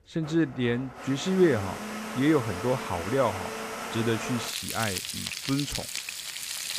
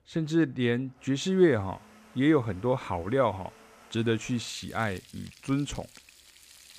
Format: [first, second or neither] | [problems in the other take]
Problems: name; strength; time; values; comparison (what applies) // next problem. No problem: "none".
second | household noises; loud; throughout; 6 dB below the speech; faint in the second